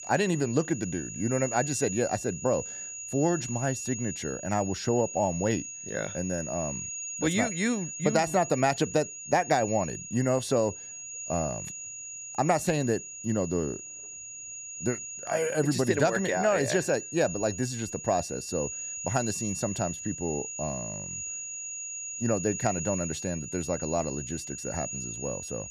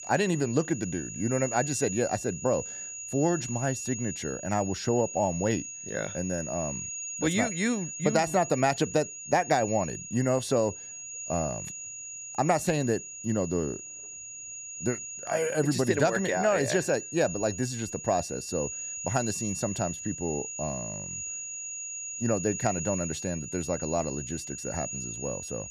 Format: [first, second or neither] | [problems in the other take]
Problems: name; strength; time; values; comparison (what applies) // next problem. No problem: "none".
neither | high-pitched whine; loud; throughout; 7 kHz, 7 dB below the speech; the same in both